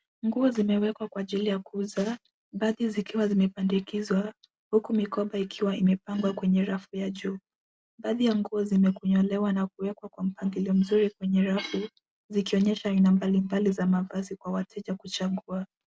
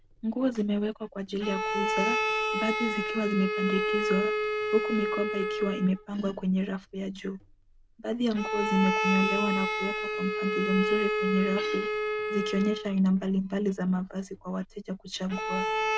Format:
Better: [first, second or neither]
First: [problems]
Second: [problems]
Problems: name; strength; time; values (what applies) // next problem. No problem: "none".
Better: first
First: none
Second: background sound (Bowed string instrument); 1 dB below the speech